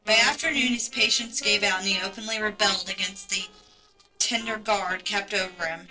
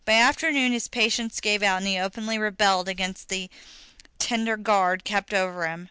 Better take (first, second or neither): second